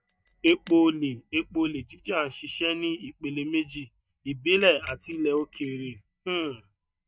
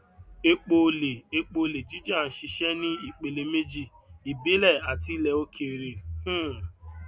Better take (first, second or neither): second